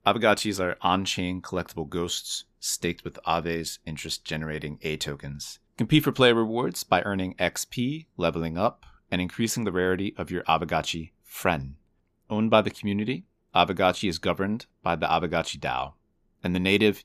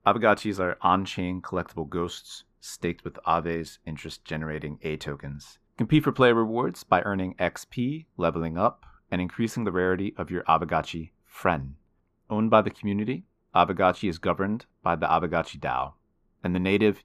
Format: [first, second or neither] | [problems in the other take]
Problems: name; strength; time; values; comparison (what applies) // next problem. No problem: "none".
first | muffled; slightly; fading above 2.5 kHz